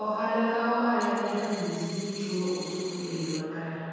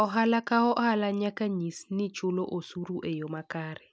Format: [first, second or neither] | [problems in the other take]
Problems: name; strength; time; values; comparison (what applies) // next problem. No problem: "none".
second | background sound (Coin (dropping)); 14 dB below the speech // room echo; dies away in 2.2 s